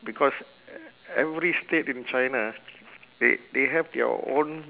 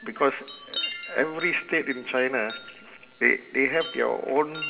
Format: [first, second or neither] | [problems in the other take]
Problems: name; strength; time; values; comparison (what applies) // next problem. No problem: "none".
first | background sound (Wind chime); 12 dB below the speech // room echo; dies away in 1.1 s